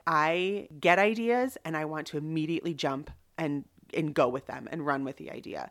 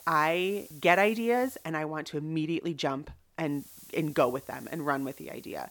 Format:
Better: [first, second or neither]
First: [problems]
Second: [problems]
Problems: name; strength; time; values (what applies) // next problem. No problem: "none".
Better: first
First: none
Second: hiss; noticeable; until 1.5 s and from 3.5 s on; 20 dB below the speech